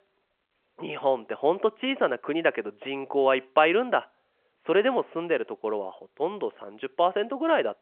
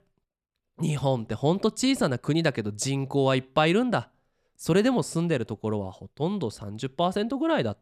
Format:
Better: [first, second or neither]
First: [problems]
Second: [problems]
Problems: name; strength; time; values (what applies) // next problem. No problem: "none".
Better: second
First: phone-call audio; nothing above 3 kHz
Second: none